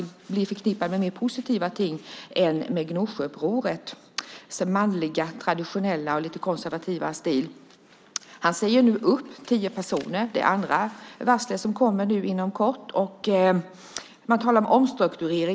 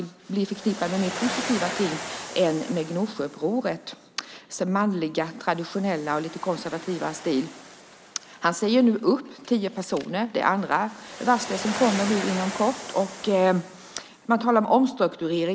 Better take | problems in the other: first | background sound (Waves, surf); 13 dB below the speech

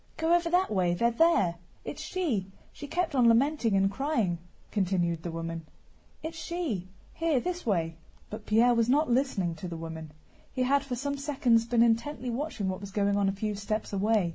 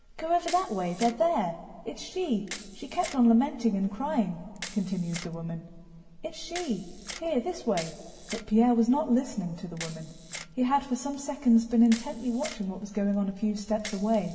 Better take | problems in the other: first | background sound (Camera); 18 dB below the speech // room echo; dies away in 1.8 s

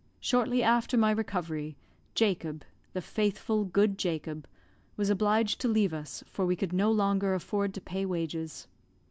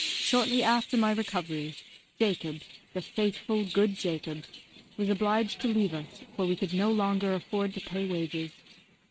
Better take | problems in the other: first | noise reduction (neural mask model RNNoise)

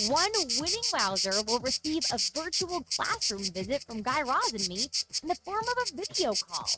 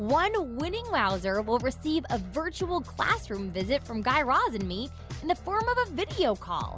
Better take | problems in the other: second | noise reduction (neural mask model RNNoise)

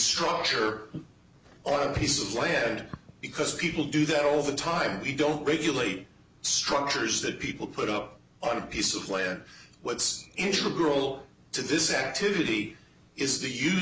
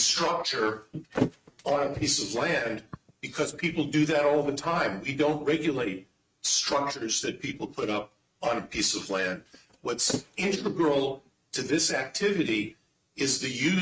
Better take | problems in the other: first | noise reduction (neural mask model RNNoise)

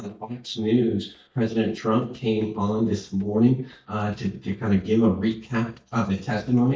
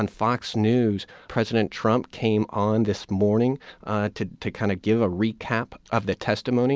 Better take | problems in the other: second | noise reduction (neural mask model DeepFilterNet 3)

